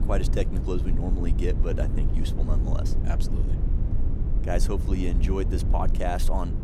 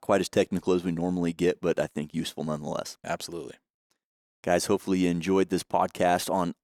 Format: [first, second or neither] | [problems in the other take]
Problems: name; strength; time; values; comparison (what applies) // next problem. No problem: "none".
second | low rumble; loud; throughout; 7 dB below the speech